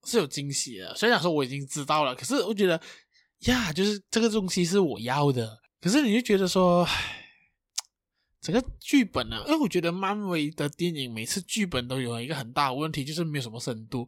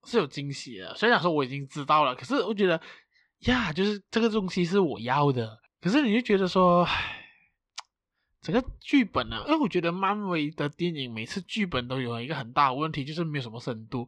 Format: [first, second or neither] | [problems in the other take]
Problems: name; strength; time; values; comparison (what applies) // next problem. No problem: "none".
first | muffled; slightly; fading above 3 kHz